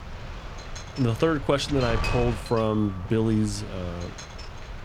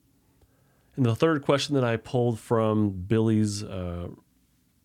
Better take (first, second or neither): second